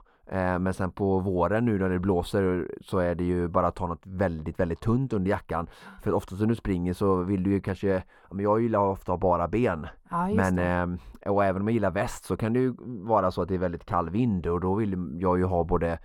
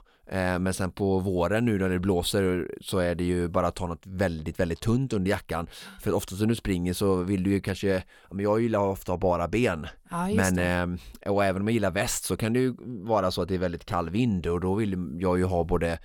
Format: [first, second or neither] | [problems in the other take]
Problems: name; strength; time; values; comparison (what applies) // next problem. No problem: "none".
second | muffled; slightly; fading above 2.5 kHz